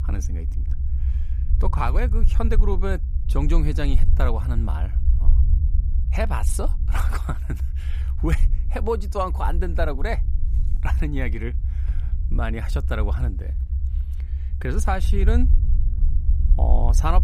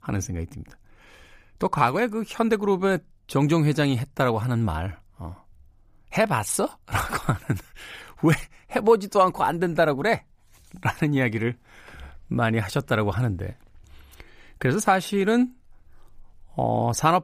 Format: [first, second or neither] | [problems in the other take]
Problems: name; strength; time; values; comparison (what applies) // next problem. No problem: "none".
second | low rumble; noticeable; throughout; 15 dB below the speech